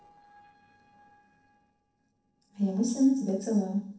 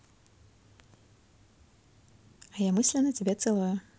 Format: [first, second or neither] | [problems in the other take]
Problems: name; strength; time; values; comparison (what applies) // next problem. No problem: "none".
second | noise reduction (neural separator model SepFormer DNS4)